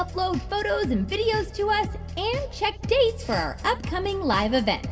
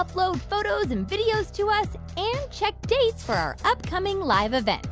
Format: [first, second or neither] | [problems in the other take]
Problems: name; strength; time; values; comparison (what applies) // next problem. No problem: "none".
second | room echo; dies away in 1.6 s